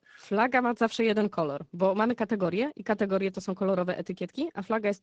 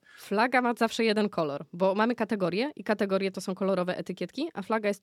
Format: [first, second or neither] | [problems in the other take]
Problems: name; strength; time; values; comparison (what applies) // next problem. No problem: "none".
second | garbled, watery; slightly